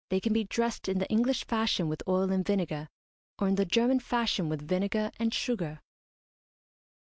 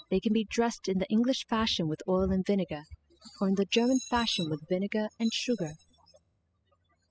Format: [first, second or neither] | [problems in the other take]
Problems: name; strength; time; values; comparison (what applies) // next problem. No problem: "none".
first | noise reduction (classical method spectral subtraction)